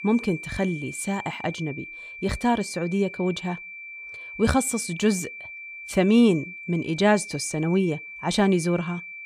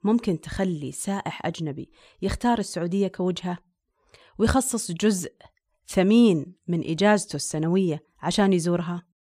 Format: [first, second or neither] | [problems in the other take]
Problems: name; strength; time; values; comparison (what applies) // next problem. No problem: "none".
second | high-pitched whine; noticeable; throughout; 2.5 kHz, 10 dB below the speech